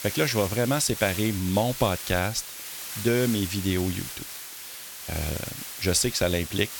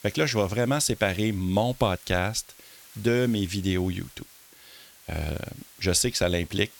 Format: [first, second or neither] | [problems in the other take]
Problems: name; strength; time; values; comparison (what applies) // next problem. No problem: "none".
second | hiss; loud; throughout; 8 dB below the speech; faint in the second